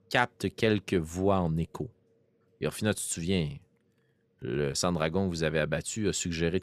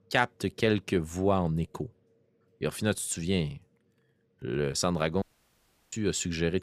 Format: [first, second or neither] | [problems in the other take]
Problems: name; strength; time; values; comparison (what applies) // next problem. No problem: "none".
first | audio cutting out; at 5 s for 0.5 s